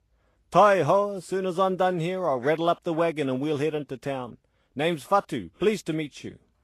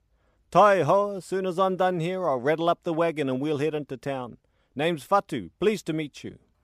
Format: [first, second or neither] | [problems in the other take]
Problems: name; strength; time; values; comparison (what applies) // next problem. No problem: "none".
second | garbled, watery; slightly; nothing above 12.5 kHz